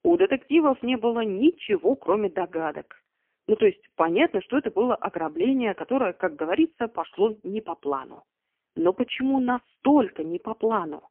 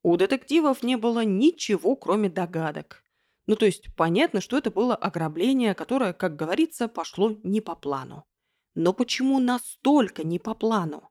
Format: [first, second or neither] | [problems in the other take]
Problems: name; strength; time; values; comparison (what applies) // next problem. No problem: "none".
second | phone-call audio; poor line; nothing above 3 kHz